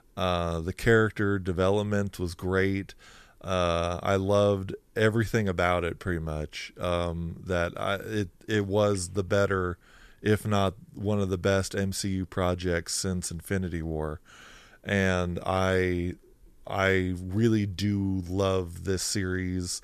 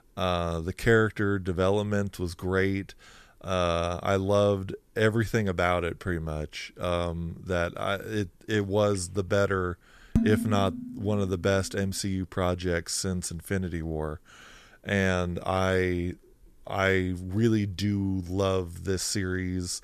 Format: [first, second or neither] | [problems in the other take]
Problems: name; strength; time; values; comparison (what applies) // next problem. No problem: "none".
first | clattering dishes; loud; at 10 s; peak 1 dB above the speech